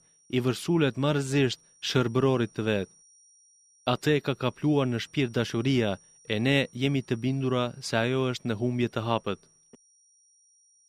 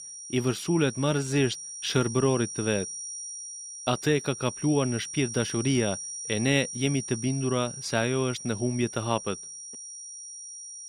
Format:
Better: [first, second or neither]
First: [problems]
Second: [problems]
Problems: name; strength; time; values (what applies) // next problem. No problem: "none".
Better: first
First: high-pitched whine; faint; throughout; 5.5 kHz, 30 dB below the speech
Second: high-pitched whine; loud; throughout; 5.5 kHz, 9 dB below the speech